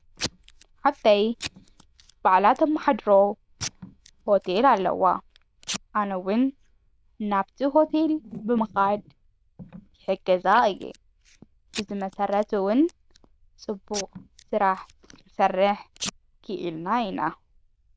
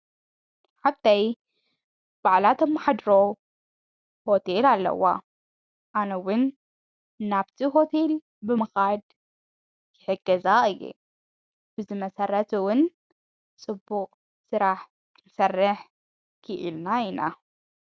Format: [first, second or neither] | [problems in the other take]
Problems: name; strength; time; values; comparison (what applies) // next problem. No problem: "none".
second | noise reduction (neural diffusion model UNIVERSE++)